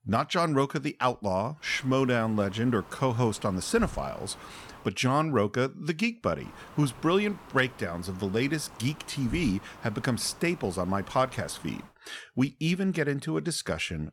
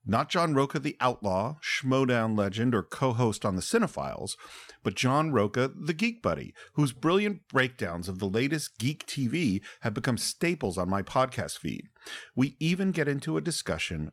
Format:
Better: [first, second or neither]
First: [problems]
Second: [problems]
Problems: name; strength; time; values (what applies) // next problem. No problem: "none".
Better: second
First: hiss; noticeable; from 1.5 to 5 s and from 6.5 to 12 s; 20 dB below the speech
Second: none